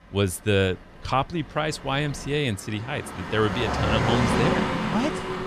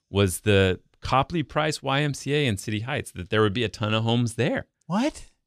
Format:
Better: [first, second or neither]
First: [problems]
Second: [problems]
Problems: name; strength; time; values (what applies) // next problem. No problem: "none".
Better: second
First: traffic noise; very loud; throughout; as loud as the speech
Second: none